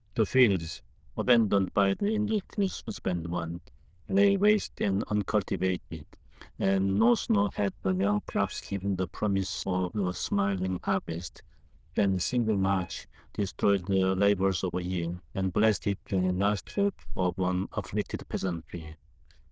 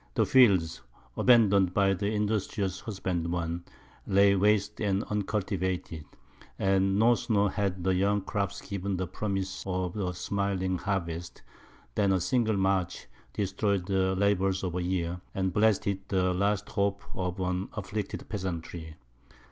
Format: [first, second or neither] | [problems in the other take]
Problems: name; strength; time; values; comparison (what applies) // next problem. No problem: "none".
second | noise reduction (neural diffusion model UNIVERSE++)